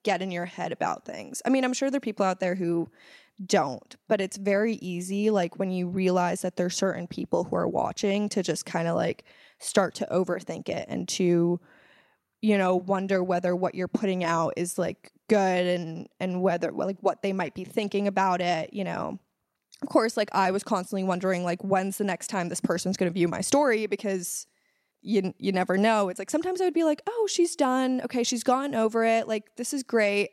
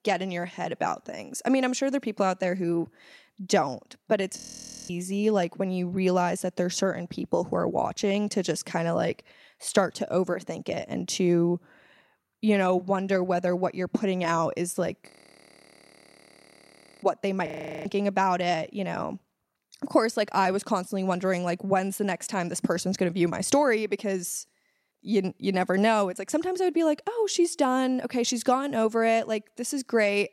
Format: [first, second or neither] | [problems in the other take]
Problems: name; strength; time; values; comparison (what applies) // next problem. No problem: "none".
first | audio freezing; at 4.5 s for 0.5 s, at 15 s for 2 s and at 17 s